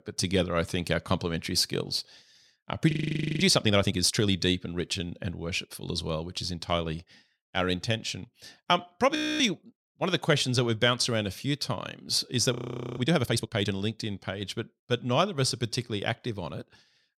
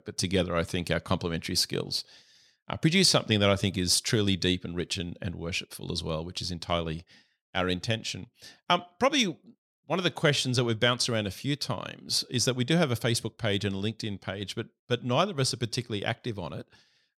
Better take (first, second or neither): second